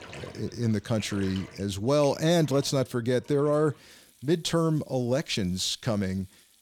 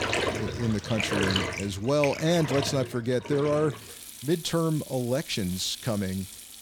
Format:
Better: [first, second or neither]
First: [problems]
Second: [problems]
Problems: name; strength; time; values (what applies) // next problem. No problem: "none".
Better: first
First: household noises; faint; throughout; 25 dB below the speech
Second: household noises; loud; throughout; 6 dB below the speech